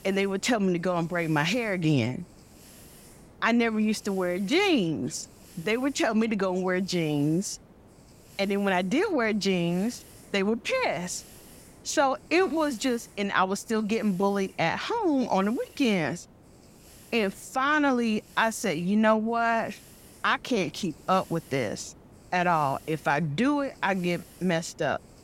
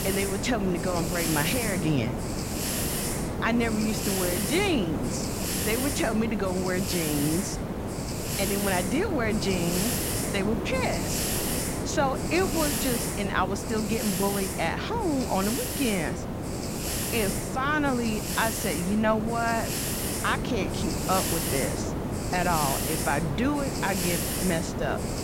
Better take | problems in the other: first | hiss; loud; throughout; 1 dB below the speech; faint in the first

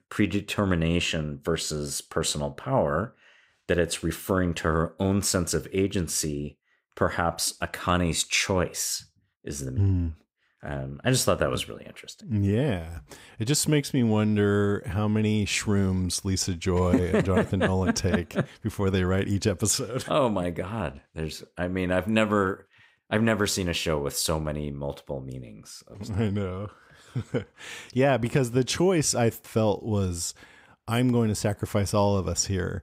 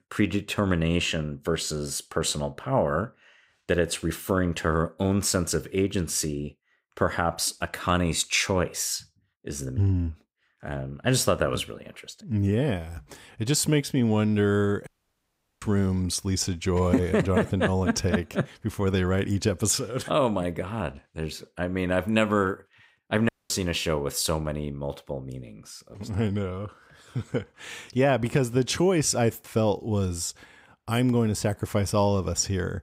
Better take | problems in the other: first | audio cutting out; at 15 s for 1 s and at 23 s

